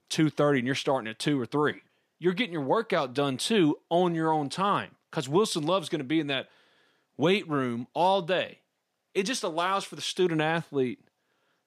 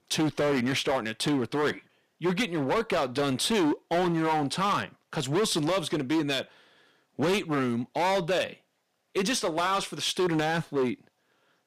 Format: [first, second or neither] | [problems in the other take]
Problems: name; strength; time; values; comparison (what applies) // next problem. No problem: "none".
first | distortion; heavy; 15% of the sound clipped